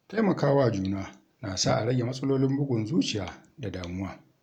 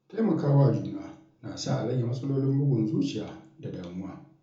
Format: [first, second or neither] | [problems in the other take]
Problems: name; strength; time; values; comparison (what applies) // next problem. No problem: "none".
first | room echo; dies away in 0.6 s